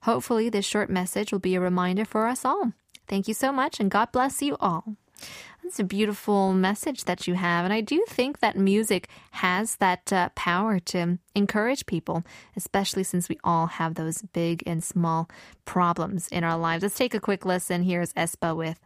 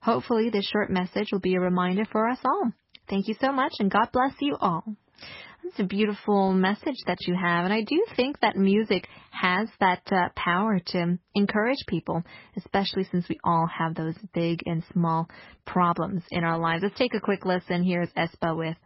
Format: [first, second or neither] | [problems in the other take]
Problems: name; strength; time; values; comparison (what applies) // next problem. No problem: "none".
first | garbled, watery; badly; nothing above 5.5 kHz